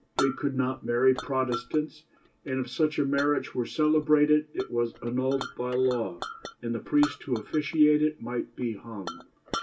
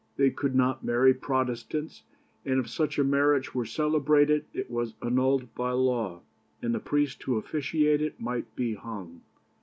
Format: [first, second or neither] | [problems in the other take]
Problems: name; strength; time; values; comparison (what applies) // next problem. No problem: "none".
second | background sound (Chink, clink); 14 dB below the speech // room echo; dies away in 0.1 s